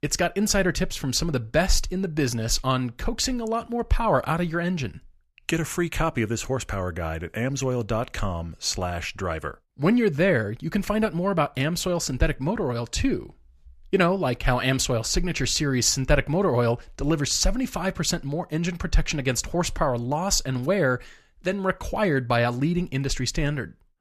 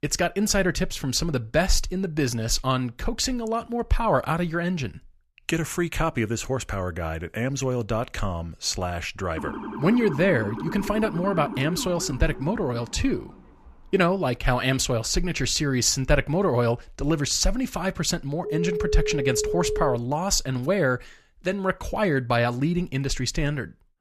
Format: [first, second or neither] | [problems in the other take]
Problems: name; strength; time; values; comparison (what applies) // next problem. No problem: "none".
first | siren; noticeable; from 9.5 to 13 s; peak 7 dB below the speech // phone ringing; noticeable; from 18 to 20 s; peak 2 dB below the speech